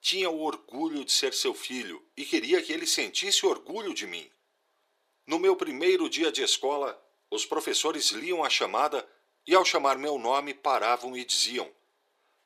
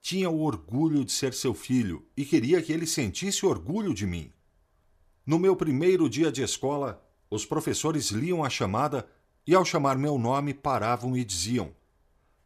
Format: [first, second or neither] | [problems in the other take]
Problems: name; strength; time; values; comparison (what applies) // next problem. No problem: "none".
second | thin; very; fading below 400 Hz